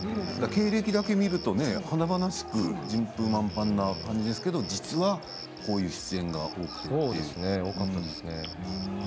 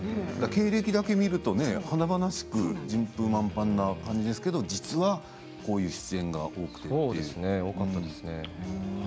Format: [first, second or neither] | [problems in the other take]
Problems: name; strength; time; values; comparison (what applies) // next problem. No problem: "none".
second | background sound (Cricket); 14 dB below the speech